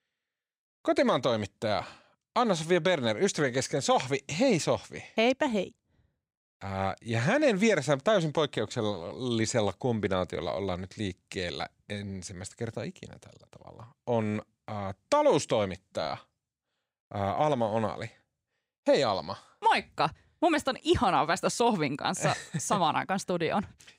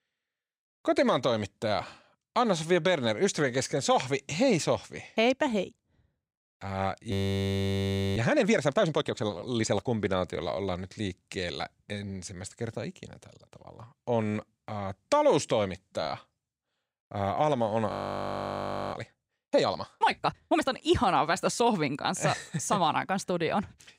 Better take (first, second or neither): first